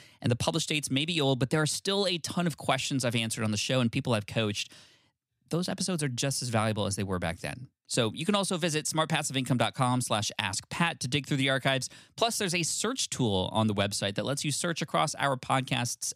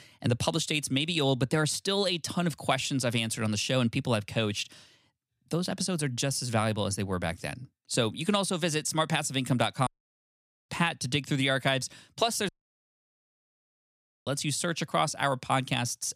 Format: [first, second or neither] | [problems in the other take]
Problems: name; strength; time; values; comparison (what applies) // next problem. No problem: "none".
first | audio cutting out; at 10 s for 1 s and at 12 s for 2 s